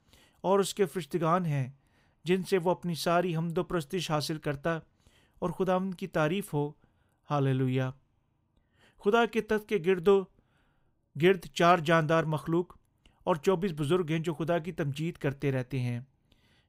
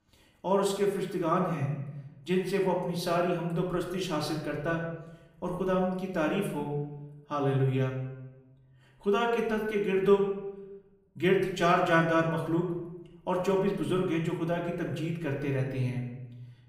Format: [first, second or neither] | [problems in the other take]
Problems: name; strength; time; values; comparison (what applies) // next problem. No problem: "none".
first | room echo; noticeable; dies away in 0.8 s // off-mic speech; far